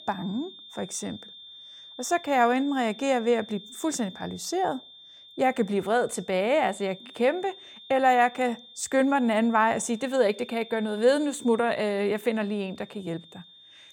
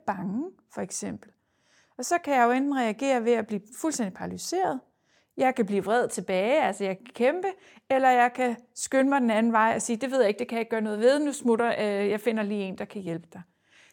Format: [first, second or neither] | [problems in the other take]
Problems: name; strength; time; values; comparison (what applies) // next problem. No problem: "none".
second | high-pitched whine; noticeable; throughout; 3.5 kHz, 20 dB below the speech